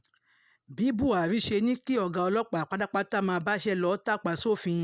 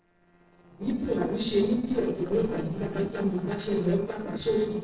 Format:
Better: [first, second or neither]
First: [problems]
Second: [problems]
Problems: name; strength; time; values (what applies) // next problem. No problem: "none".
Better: first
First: none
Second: noise reduction (neural separator model SepFormer DNS4)